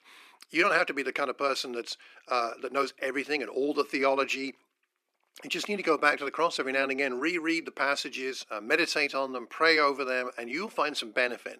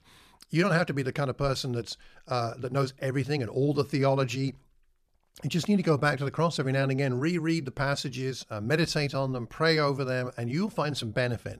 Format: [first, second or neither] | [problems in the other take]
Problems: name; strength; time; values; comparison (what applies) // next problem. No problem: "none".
second | thin; somewhat; fading below 300 Hz